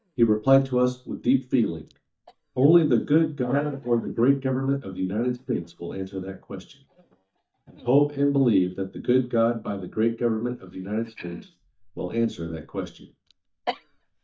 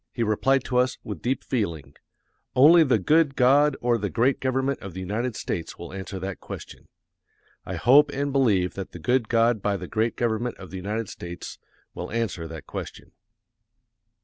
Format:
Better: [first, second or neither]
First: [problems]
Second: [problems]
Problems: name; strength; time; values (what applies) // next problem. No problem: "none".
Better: second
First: noise reduction (neural mask model DeepFilterNet 3)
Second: none